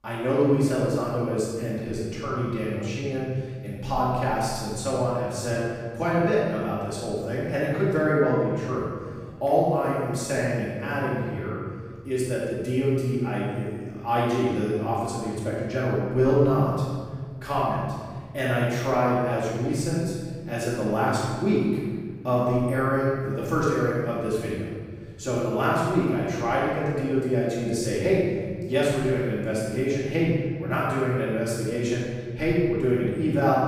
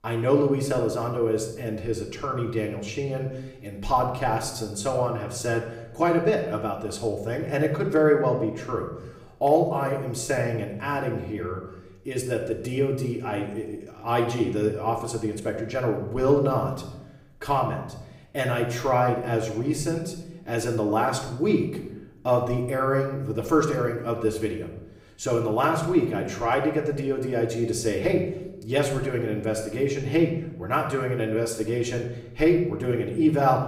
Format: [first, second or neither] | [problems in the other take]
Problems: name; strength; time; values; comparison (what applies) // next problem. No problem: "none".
second | room echo; strong; dies away in 1.8 s; slight in the second // off-mic speech; far; far in the second